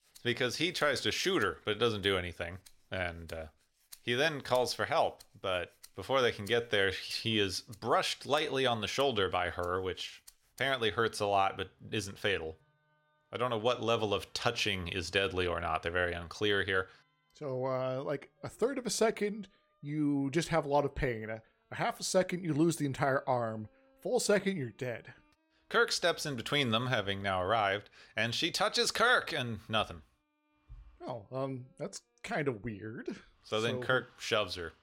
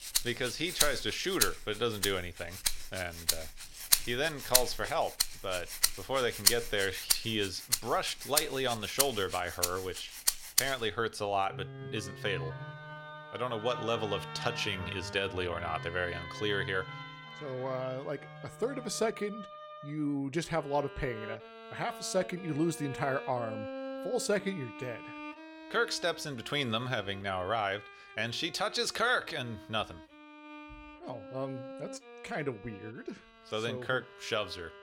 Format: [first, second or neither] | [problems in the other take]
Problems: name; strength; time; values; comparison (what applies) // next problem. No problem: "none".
first | background music; loud; throughout; as loud as the speech; faint in the first